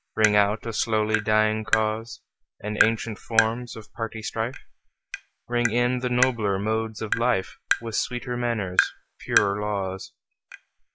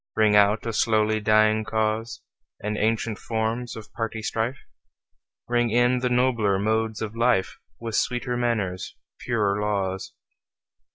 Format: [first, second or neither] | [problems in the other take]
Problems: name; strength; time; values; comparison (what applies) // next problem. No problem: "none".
second | background sound (Tap); 5 dB below the speech